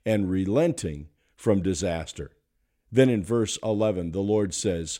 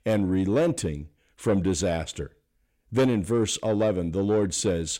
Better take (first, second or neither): first